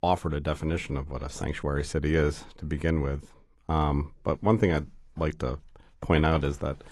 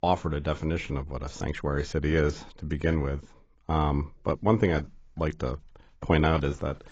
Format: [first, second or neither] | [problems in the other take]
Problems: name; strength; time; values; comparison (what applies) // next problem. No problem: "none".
first | garbled, watery; badly; nothing above 7.5 kHz; slightly in the first